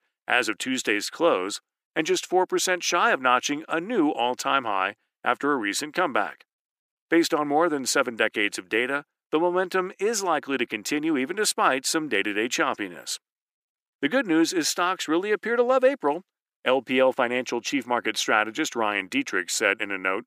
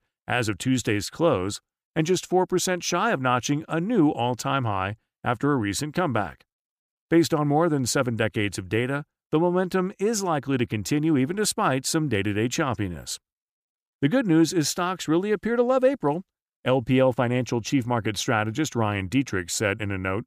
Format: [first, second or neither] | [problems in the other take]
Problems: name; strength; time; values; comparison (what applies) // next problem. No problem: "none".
second | thin; somewhat; fading below 300 Hz